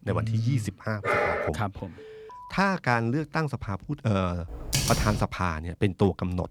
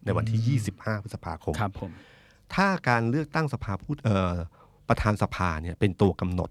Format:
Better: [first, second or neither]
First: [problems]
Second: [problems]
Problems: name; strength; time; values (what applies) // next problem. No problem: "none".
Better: second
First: dog barking; loud; at 1 s; peak 3 dB above the speech // alarm; faint; at 2 s; peak 15 dB below the speech // keyboard typing; loud; at 4.5 s; peak 2 dB above the speech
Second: none